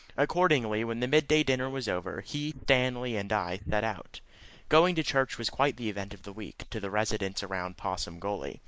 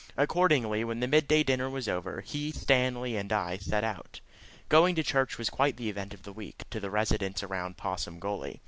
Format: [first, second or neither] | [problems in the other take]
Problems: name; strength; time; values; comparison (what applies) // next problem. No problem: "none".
second | noise reduction (neural mask model Resemble Enhance denoiser)